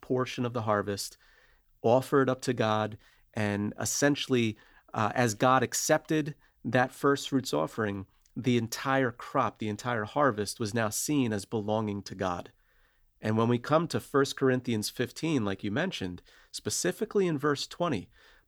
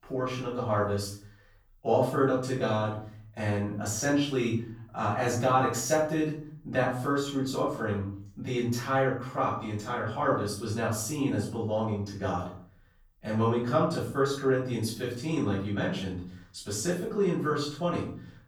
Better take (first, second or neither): first